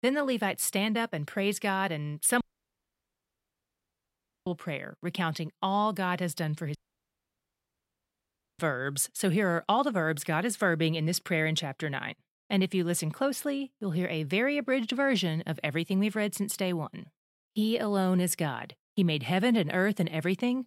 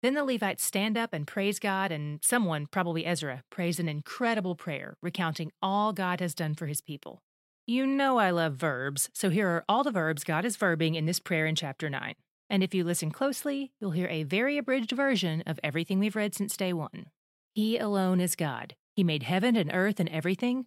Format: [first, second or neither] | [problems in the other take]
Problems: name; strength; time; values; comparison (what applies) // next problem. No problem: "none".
second | audio cutting out; at 2.5 s for 2 s and at 7 s for 2 s